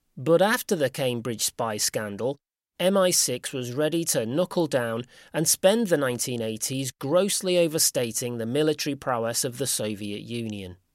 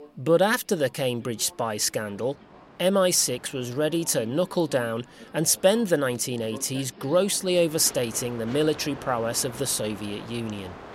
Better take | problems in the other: first | train or aircraft noise; noticeable; throughout; 20 dB below the speech

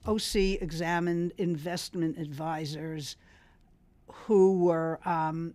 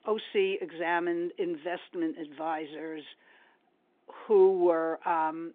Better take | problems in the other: first | phone-call audio

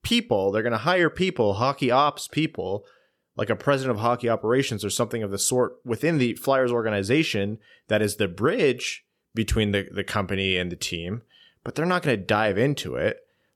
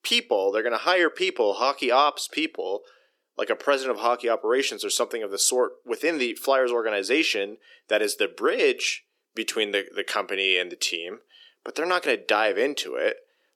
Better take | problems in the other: first | thin; somewhat; fading below 300 Hz

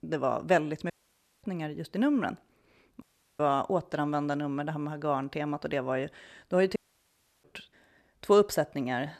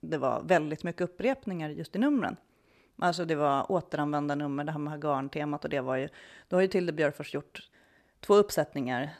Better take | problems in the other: second | audio cutting out; at 1 s for 0.5 s, at 3 s and at 7 s for 0.5 s

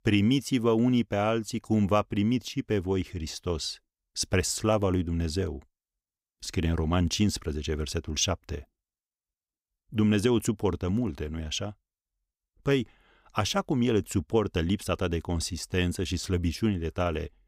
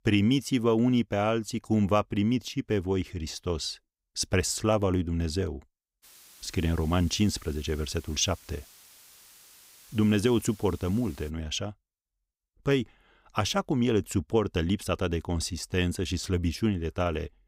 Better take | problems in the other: first | hiss; faint; from 6 to 11 s; 25 dB below the speech

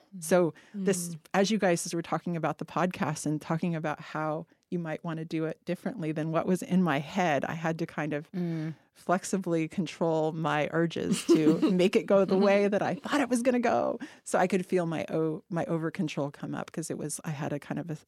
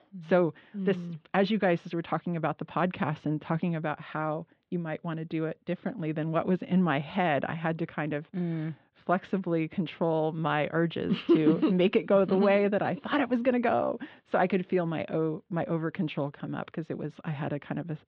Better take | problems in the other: first | muffled; very; fading above 3.5 kHz

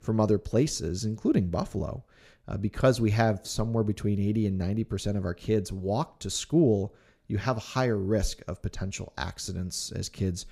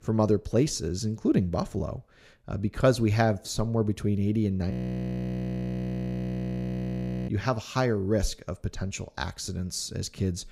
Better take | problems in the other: first | audio freezing; at 4.5 s for 2.5 s

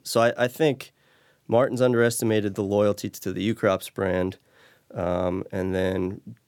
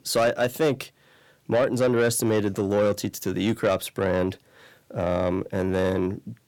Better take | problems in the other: first | distortion; slight; 10 dB below the speech

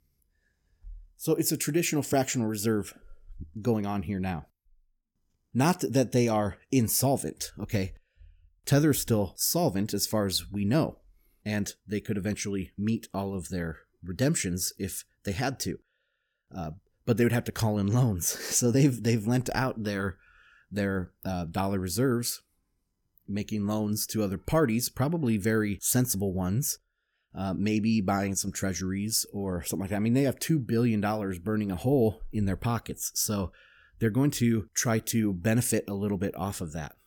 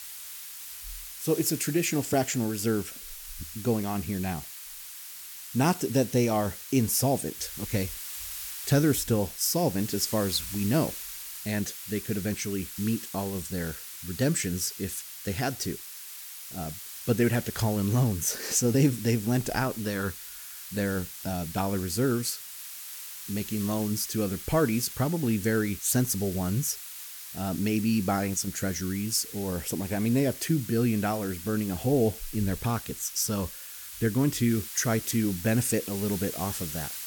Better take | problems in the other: first | hiss; loud; throughout; 10 dB below the speech

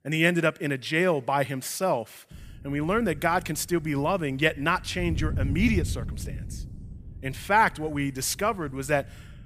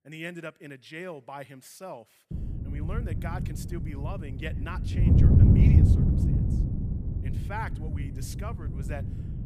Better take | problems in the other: first | wind noise on the microphone; heavy; from 2.5 s on; 2 dB above the speech; occasional gusts in the first

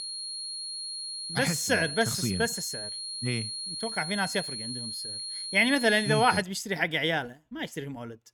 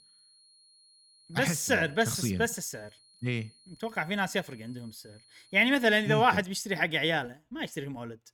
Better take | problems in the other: second | high-pitched whine; loud; until 6.5 s; 4.5 kHz, 6 dB below the speech; faint in the second

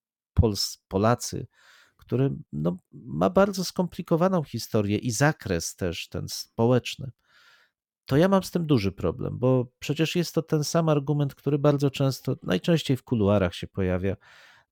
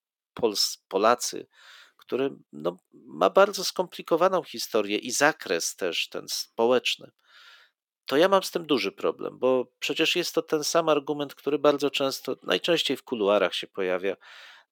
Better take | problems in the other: first | thin; somewhat; fading below 350 Hz

